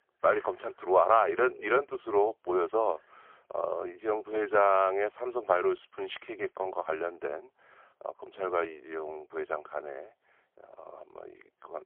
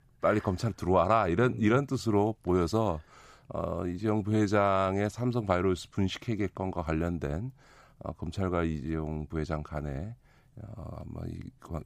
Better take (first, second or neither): second